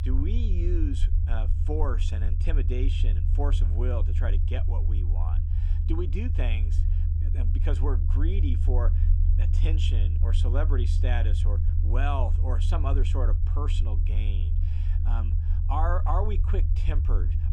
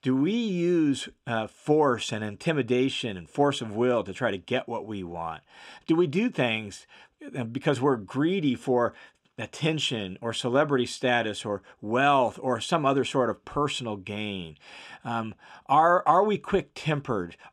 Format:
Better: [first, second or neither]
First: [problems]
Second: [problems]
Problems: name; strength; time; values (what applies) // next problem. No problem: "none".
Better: second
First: low rumble; loud; throughout; 7 dB below the speech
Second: none